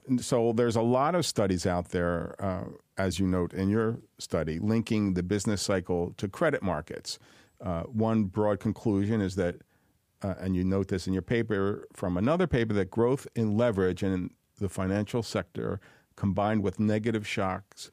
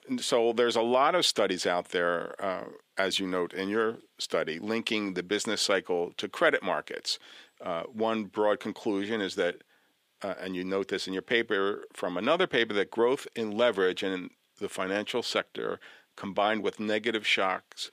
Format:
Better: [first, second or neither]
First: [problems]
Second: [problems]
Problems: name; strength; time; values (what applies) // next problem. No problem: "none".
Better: first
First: none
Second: thin; somewhat; fading below 350 Hz